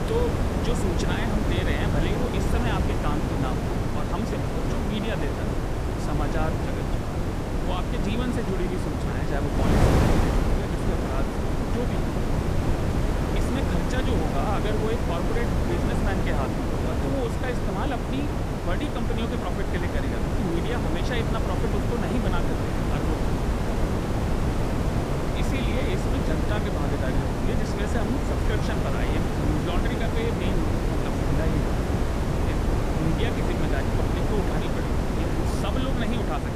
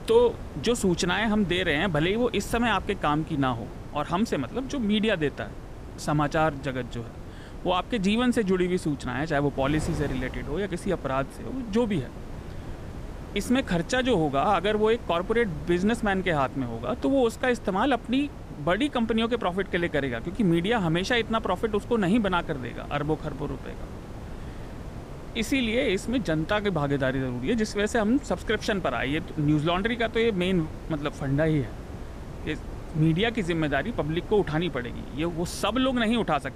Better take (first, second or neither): second